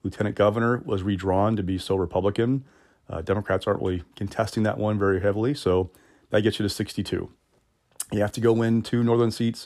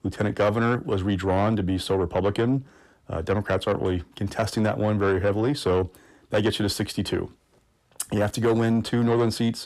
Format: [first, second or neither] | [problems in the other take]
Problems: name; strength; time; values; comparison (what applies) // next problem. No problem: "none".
first | distortion; slight; 10 dB below the speech